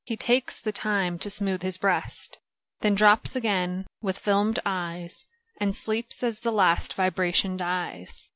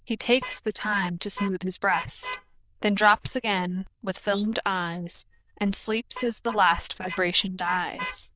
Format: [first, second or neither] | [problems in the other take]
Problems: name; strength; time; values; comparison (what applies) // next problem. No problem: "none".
first | noise reduction (neural diffusion model UNIVERSE++)